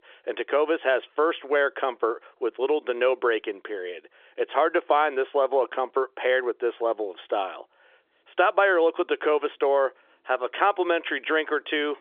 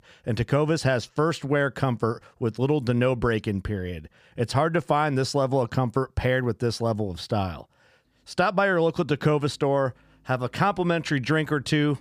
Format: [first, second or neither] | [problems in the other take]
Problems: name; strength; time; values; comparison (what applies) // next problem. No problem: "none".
second | phone-call audio; nothing above 3.5 kHz